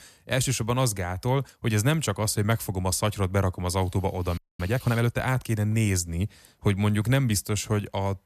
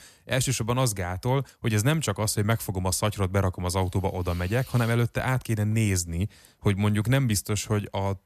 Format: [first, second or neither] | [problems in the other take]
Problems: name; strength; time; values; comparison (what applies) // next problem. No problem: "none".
second | audio freezing; at 4.5 s